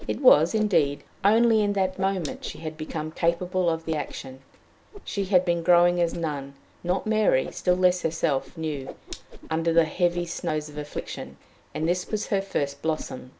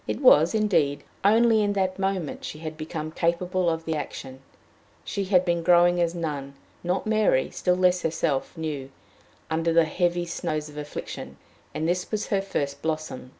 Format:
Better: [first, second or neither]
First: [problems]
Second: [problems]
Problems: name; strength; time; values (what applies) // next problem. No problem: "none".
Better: second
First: background sound (Whoosh, swoosh, swish); 16 dB below the speech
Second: none